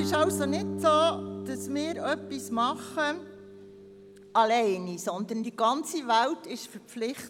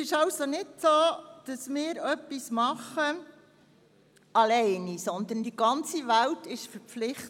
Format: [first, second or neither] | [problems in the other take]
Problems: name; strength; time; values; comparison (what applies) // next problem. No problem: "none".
second | background sound (Guitar); 10 dB below the speech